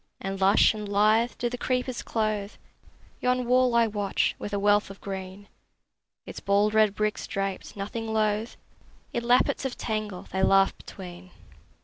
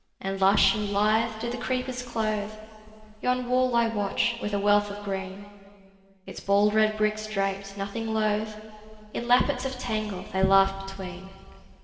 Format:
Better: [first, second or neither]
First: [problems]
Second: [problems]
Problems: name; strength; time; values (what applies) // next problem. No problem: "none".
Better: first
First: none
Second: room echo; dies away in 2.2 s